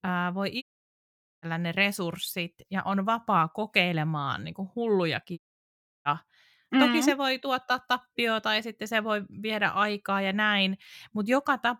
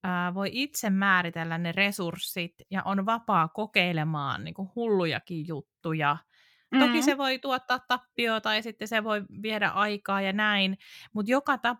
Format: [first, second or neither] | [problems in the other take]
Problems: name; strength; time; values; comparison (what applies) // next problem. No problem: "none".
second | audio cutting out; at 0.5 s for 1 s and at 5.5 s for 0.5 s